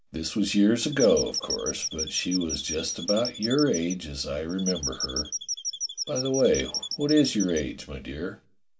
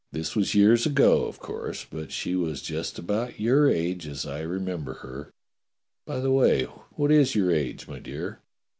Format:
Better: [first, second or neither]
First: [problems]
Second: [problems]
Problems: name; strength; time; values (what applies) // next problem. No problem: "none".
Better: second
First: background sound (Squeak / Chirp, tweet); 7 dB below the speech // room echo; dies away in 0.2 s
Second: none